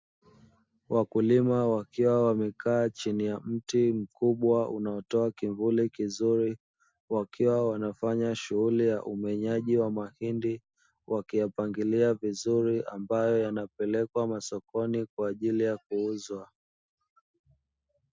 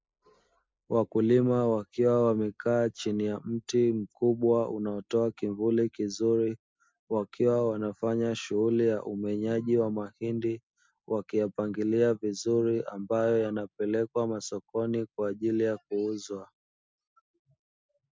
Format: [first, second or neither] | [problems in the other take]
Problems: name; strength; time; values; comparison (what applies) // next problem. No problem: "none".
first | noise reduction (neural mask model Resemble Enhance denoiser)